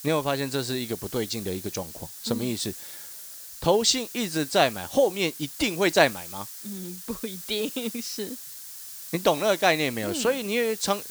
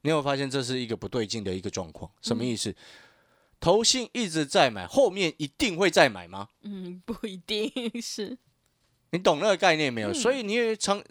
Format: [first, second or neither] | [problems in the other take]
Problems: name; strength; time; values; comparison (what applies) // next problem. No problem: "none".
second | hiss; noticeable; throughout; 10 dB below the speech